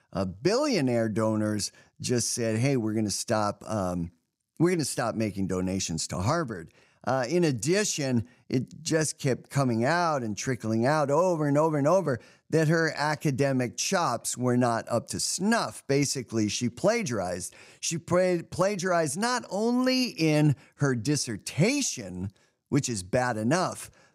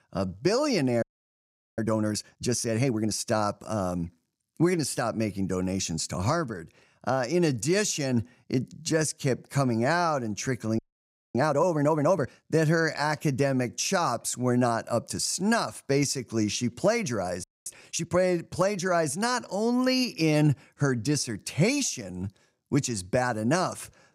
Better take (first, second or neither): first